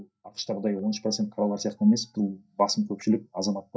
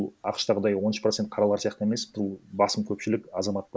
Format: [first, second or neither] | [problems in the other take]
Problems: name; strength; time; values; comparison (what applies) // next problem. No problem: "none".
second | noise reduction (neural mask model DeepFilterNet 3)